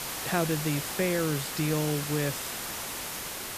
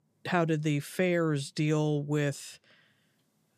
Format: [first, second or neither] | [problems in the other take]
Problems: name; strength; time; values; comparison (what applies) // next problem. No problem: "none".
second | hiss; loud; throughout; 3 dB below the speech